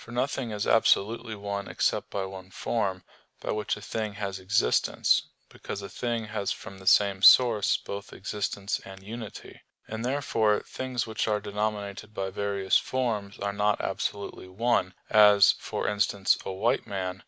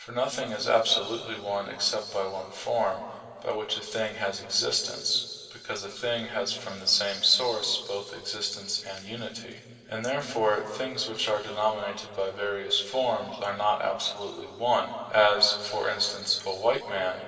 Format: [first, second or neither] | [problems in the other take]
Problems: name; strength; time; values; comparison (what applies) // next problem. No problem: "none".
first | room echo; dies away in 2.7 s